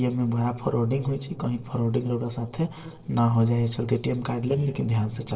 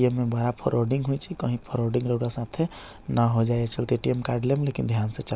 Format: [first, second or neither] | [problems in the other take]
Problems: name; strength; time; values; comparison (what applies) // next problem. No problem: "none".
second | noise reduction (neural separator model SepFormer DNS4)